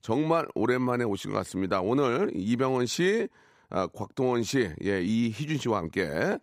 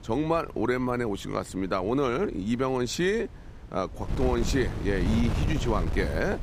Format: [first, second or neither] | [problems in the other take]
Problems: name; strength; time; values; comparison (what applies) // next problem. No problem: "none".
first | wind noise on the microphone; heavy; 9 dB below the speech